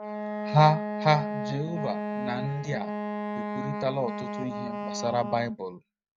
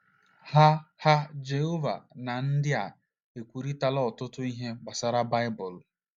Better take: second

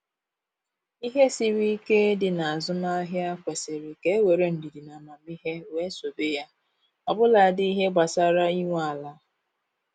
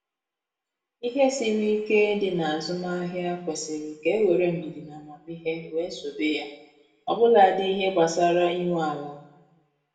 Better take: first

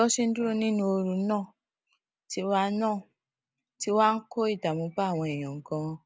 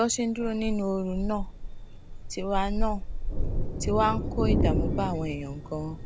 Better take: first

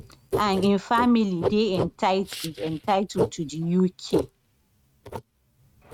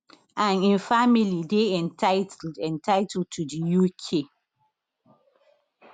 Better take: second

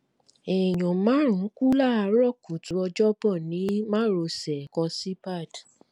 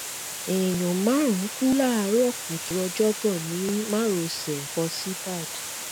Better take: first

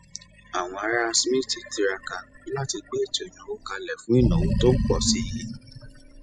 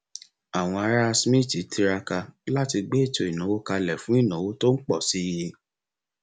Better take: second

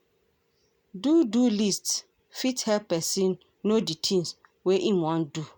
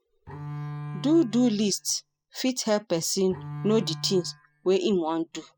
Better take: first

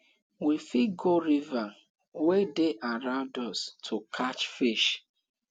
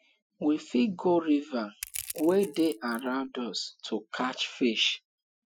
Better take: first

